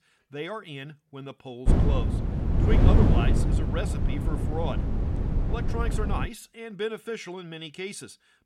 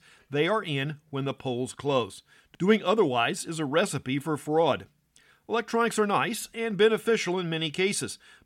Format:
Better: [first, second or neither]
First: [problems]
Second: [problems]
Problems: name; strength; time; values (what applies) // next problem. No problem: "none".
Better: second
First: wind noise on the microphone; heavy; from 1.5 to 6.5 s; 1 dB above the speech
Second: none